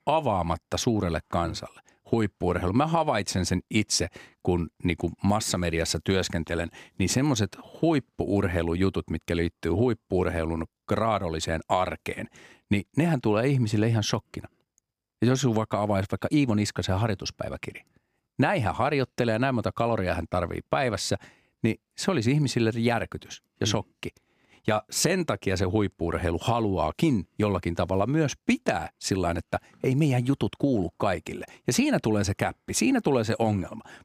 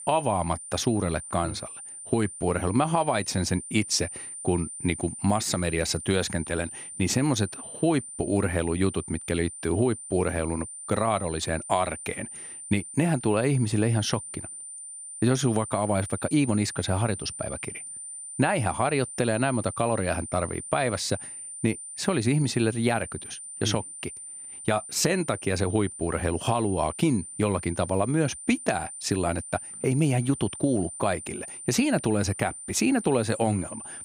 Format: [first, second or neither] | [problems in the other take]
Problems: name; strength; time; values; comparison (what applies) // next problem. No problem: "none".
first | high-pitched whine; noticeable; throughout; 9 kHz, 10 dB below the speech